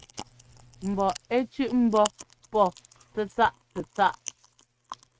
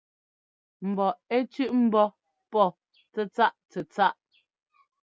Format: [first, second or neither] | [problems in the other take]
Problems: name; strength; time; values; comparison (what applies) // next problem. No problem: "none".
second | noise reduction (neural mask model RNNoise)